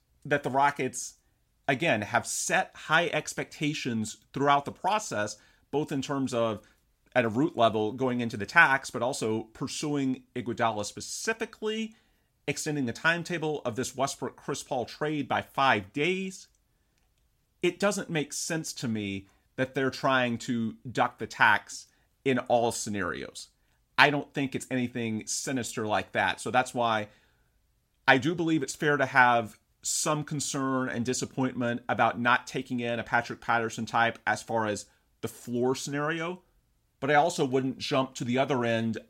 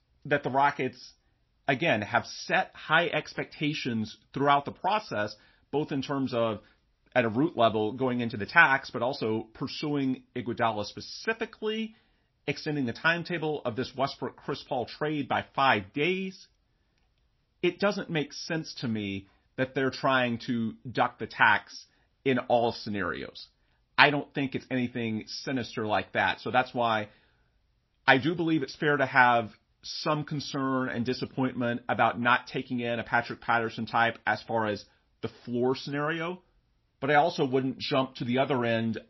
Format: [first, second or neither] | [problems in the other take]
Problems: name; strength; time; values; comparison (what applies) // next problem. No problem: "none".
first | garbled, watery; slightly; nothing above 5.5 kHz